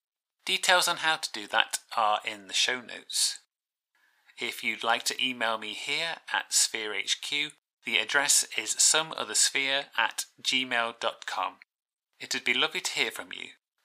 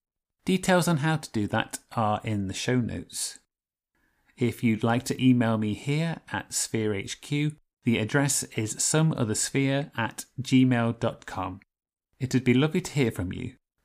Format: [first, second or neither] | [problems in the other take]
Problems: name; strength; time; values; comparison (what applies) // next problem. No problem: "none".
second | thin; very; fading below 900 Hz